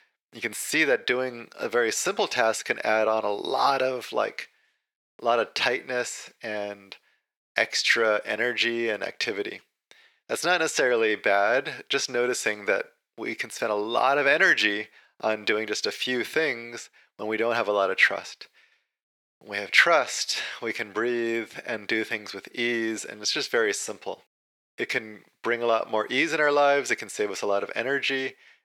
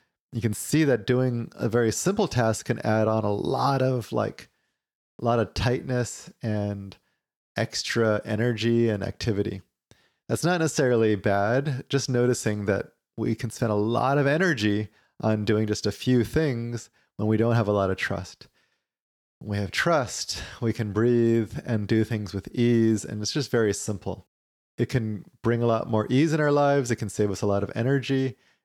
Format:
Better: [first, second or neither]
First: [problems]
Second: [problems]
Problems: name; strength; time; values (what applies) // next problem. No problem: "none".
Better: second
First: thin; very; fading below 550 Hz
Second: none